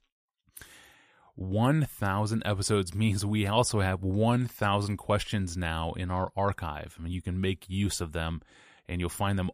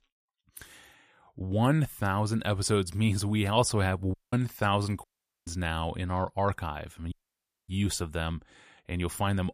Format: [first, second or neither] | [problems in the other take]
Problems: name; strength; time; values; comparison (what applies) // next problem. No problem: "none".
first | audio cutting out; at 4 s, at 5 s and at 7 s for 0.5 s